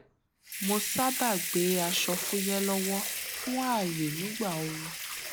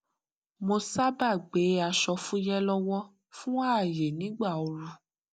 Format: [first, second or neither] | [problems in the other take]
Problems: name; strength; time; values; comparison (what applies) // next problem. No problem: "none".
second | background sound (Sink (filling or washing) / Water tap, faucet / Liquid); 3 dB below the speech